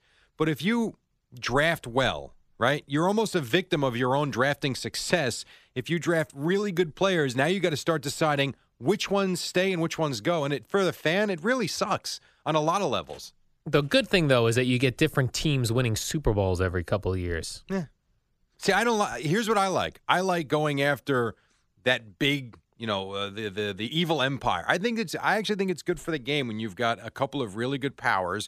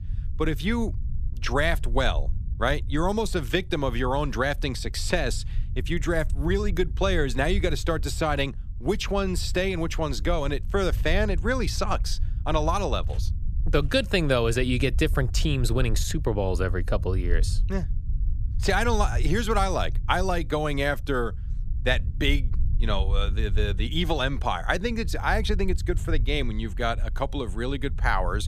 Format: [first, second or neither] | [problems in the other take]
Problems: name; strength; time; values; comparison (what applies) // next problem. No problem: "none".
first | low rumble; faint; throughout; 20 dB below the speech